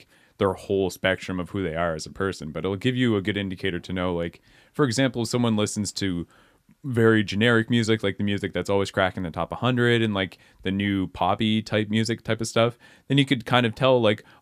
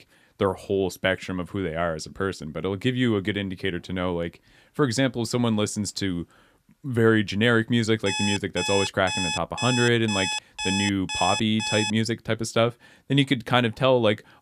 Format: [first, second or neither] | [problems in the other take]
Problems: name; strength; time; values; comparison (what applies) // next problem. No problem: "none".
first | alarm; noticeable; from 8 to 12 s; peak 1 dB below the speech